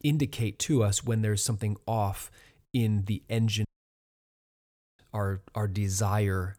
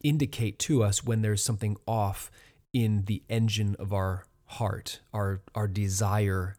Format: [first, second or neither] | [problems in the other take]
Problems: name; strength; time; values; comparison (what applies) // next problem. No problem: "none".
second | audio cutting out; at 3.5 s for 1.5 s